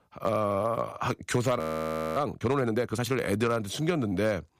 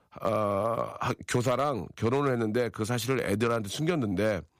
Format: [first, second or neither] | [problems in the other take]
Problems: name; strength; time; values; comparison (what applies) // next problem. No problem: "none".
second | audio freezing; at 1.5 s for 0.5 s